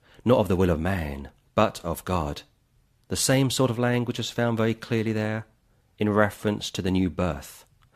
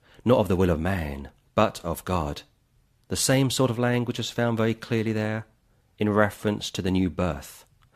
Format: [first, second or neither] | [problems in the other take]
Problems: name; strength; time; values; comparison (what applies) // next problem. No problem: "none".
neither | none